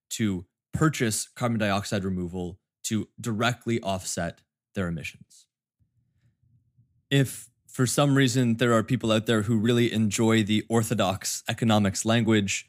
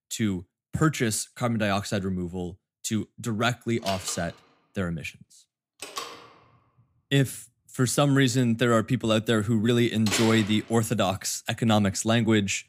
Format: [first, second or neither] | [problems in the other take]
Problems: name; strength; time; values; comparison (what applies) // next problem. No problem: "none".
first | door banging; noticeable; from 4 to 11 s; peak 3 dB below the speech